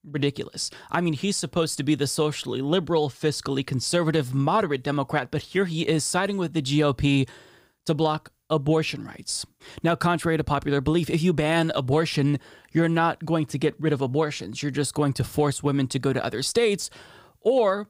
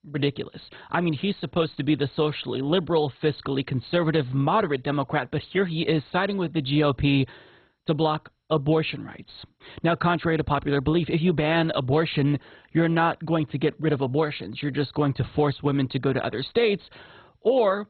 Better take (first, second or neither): first